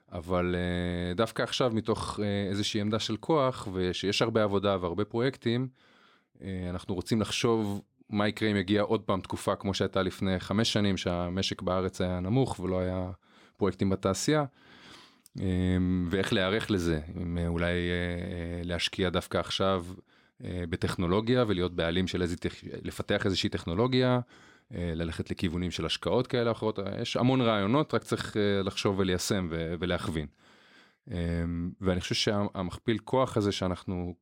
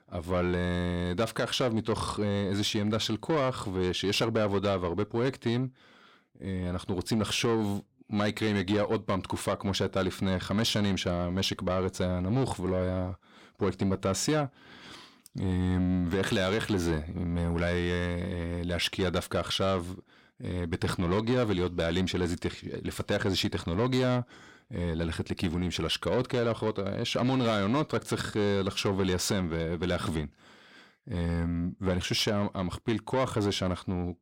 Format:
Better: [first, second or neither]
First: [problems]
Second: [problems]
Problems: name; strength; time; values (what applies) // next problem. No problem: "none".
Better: first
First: none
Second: distortion; slight; 10 dB below the speech